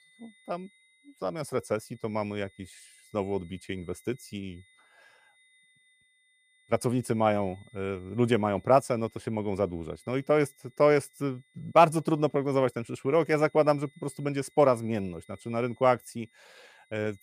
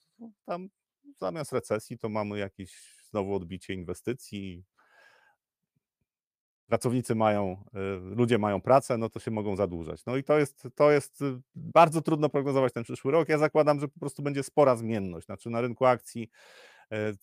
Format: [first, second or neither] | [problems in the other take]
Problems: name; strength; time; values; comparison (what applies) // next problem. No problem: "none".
second | high-pitched whine; faint; throughout; 2 kHz, 35 dB below the speech